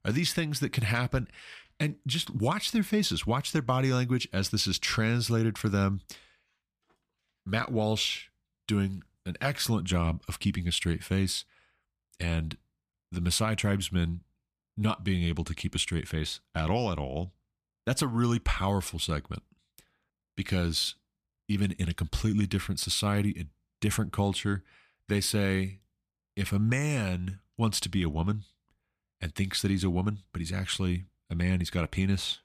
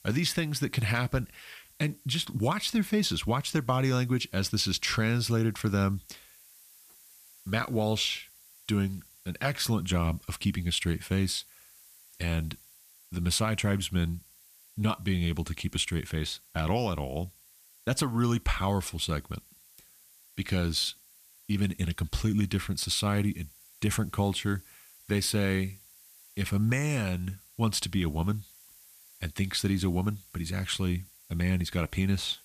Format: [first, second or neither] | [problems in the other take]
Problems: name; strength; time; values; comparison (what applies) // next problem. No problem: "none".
first | hiss; faint; throughout; 25 dB below the speech